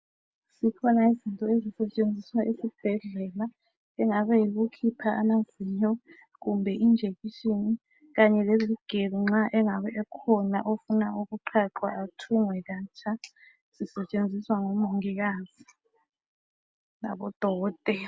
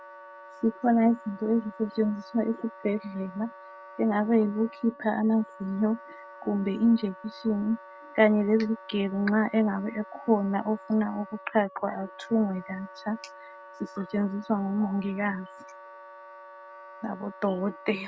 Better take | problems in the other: first | background sound (Wind instrument, woodwind instrument); 18 dB below the speech

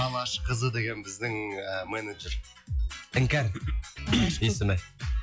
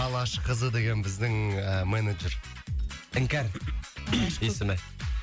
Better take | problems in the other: second | noise reduction (classical method log-MMSE)

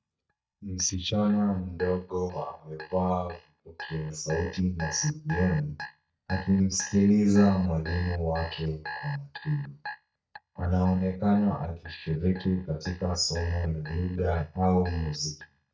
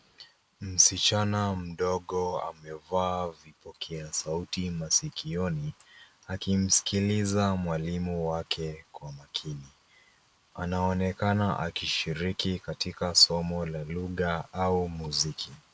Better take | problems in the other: second | noise reduction (neural mask model DeepFilterNet 3)

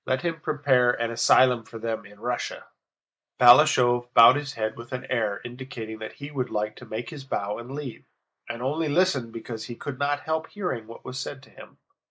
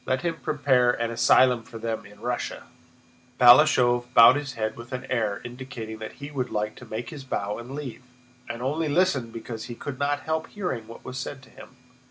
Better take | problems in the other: second | noise reduction (neural mask model Resemble Enhance denoiser)

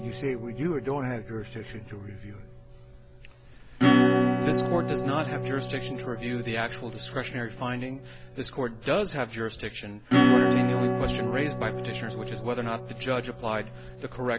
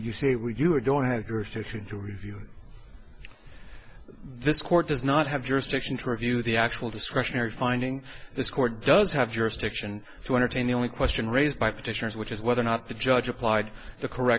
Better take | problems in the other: second | background sound (Acoustic guitar / Strum); 3 dB above the speech

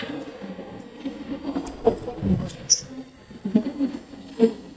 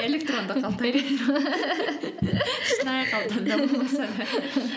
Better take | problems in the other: second | noise reduction (neural mask model DeepFilterNet 3)

